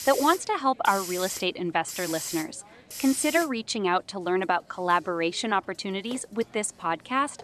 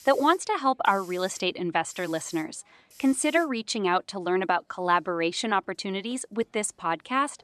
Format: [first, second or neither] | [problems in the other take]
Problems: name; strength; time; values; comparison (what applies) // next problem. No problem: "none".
second | hiss; loud; throughout; 9 dB below the speech; faint in the second